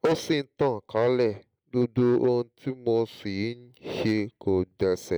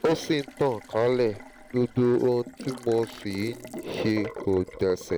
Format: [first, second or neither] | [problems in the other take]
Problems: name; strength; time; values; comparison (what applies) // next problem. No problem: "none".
first | background sound (Water tap, faucet); 15 dB below the speech